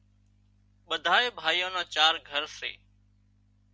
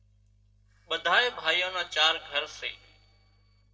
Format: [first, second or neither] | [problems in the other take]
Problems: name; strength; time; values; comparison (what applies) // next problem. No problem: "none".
first | noise reduction (neural separator model SepFormer DNS4)